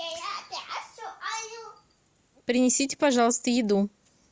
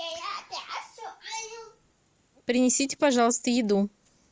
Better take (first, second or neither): first